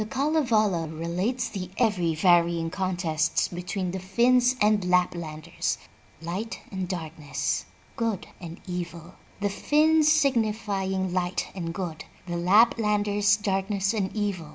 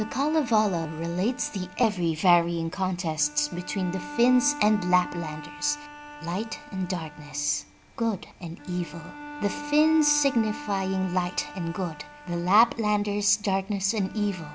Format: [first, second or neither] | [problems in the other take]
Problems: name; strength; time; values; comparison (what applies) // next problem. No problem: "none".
first | background sound (Bowed string instrument); 15 dB below the speech